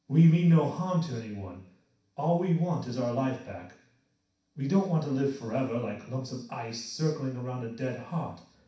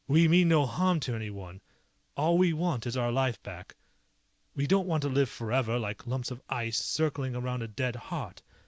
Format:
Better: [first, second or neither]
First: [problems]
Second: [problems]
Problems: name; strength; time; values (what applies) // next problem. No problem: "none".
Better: second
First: room echo; dies away in 0.6 s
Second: none